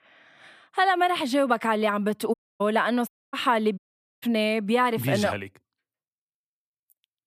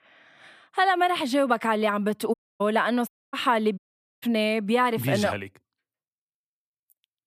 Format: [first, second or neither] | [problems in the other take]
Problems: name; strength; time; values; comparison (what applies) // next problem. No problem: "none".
neither | audio cutting out; at 2.5 s, at 3 s and at 4 s; the same in both